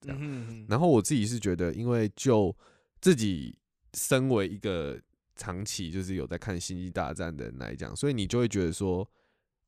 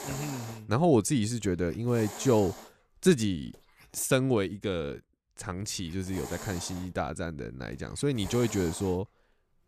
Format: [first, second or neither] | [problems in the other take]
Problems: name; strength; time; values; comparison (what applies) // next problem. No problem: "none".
first | hiss; noticeable; until 4 s and from 5.5 s on; 15 dB below the speech